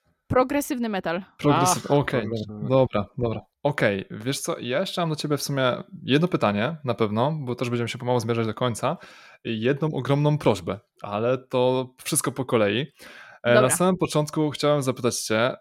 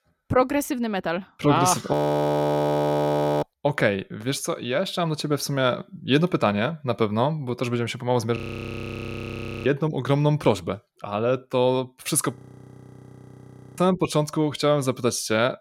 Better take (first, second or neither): first